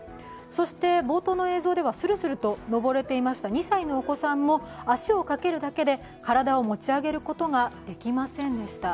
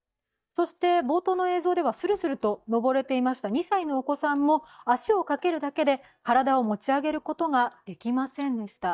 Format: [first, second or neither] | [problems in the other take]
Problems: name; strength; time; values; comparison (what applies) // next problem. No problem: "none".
first | noise reduction (neural mask model DeepFilterNet 3)